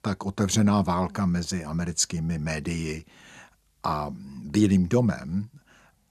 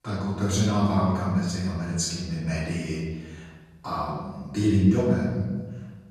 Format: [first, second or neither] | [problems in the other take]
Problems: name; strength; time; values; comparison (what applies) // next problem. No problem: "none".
first | off-mic speech; far // room echo; noticeable; dies away in 1.3 s